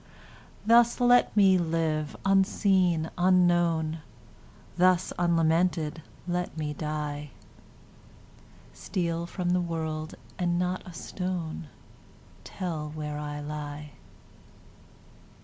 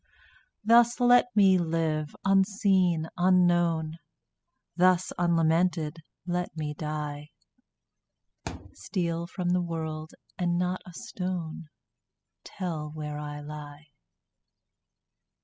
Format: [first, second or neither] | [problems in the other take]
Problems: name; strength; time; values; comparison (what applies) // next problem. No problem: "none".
first | noise reduction (classical method spectral subtraction)